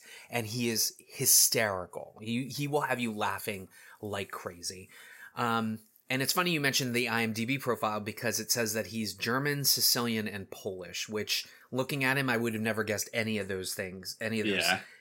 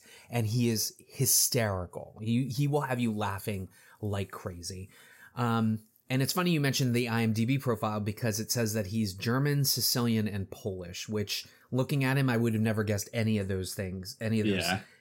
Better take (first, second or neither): second